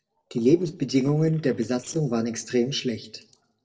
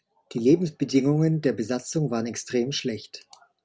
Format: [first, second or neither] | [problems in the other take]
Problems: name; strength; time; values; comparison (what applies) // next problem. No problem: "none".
second | noise reduction (neural separator model SepFormer DNS4)